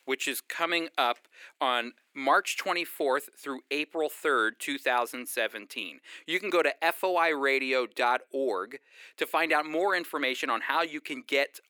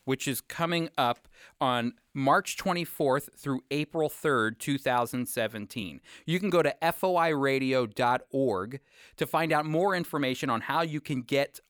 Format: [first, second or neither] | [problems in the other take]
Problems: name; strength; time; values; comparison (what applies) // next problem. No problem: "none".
second | thin; somewhat; fading below 350 Hz